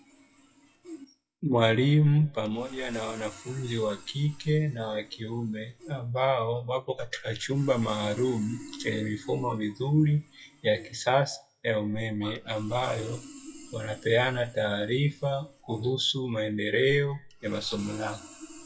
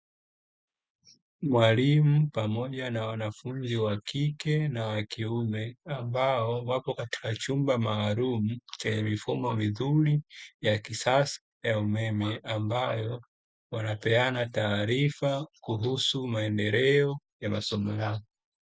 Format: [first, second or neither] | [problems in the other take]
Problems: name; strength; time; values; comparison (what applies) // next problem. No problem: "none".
second | noise reduction (classical method WPE with log-MMSE)